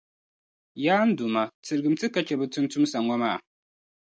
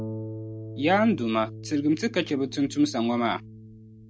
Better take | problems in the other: first | background sound (Harp); 12 dB below the speech

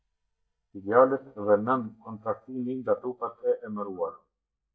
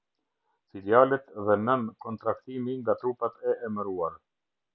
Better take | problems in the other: second | noise reduction (neural mask model DeepFilterNet 3)

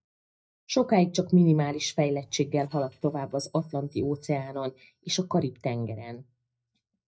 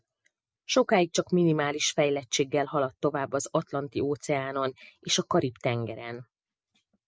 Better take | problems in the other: second | noise reduction (neural mask model DeepFilterNet 3)

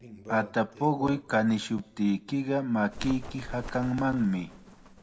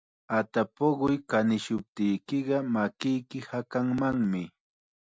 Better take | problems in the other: second | background sound (Bird); 15 dB below the speech // room echo; dies away in 0.3 s

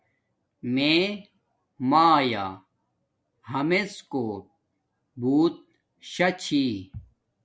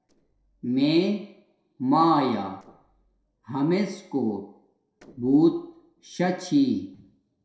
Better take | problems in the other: first | noise reduction (neural separator model SepFormer DNS4)

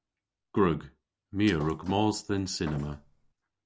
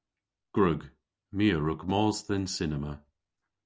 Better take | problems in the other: second | background sound (Thump, thud); 17 dB below the speech

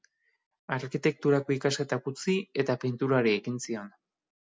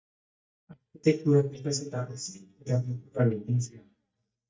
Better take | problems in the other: first | noise reduction (neural mask model DeepFilterNet 3)

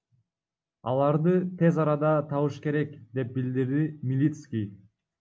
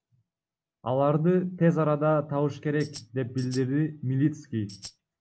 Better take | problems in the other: first | background sound (Tambourine); 18 dB below the speech

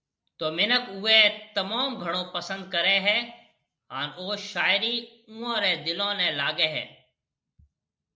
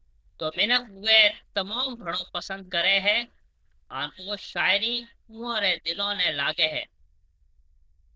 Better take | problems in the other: first | noise reduction (neural diffusion model UNIVERSE++)

